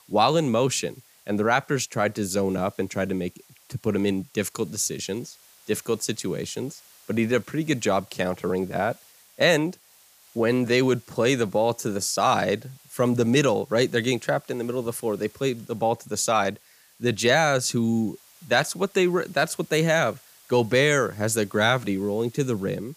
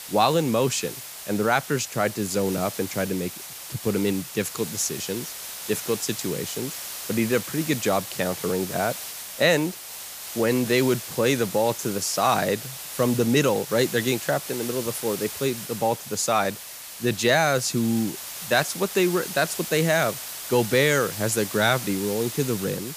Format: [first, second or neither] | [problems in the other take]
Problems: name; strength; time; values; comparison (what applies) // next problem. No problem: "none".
first | hiss; loud; throughout; 9 dB below the speech; faint in the first